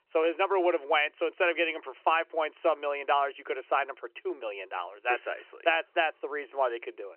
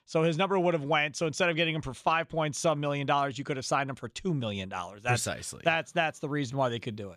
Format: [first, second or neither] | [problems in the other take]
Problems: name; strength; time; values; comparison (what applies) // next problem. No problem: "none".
second | phone-call audio; nothing above 3 kHz